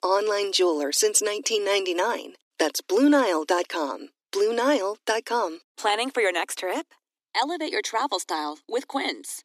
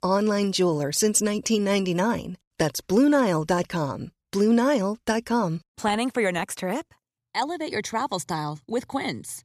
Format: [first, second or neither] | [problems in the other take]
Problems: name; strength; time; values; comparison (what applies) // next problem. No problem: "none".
second | thin; very slightly; fading below 300 Hz